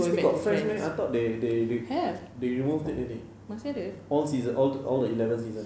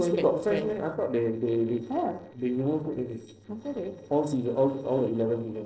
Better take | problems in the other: first | noise reduction (neural separator model SepFormer DNS4)

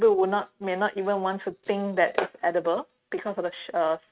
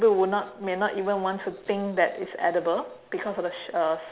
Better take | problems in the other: second | noise reduction (neural mask model RNNoise)

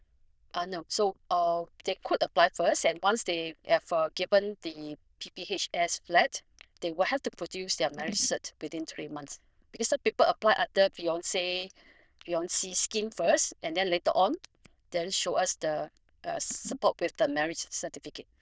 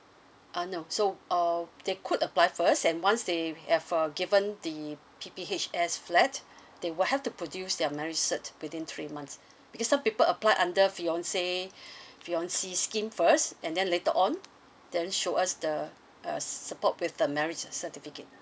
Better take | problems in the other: second | noise reduction (neural diffusion model UNIVERSE++)

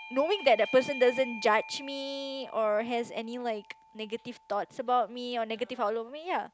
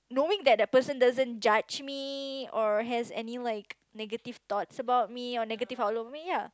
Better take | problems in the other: second | background sound (Bell / Doorbell); 17 dB below the speech

